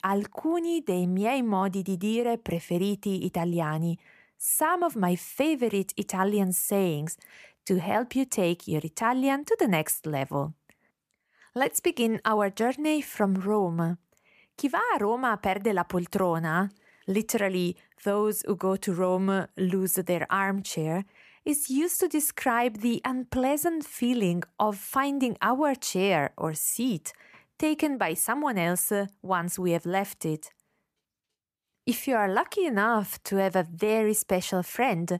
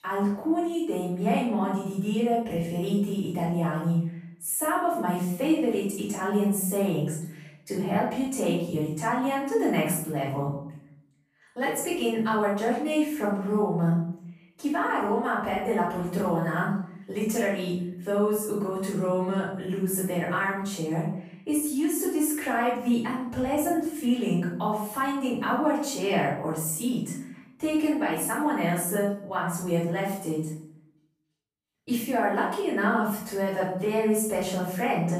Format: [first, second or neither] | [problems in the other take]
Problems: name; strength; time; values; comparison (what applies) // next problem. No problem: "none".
first | off-mic speech; far // room echo; noticeable; dies away in 0.6 s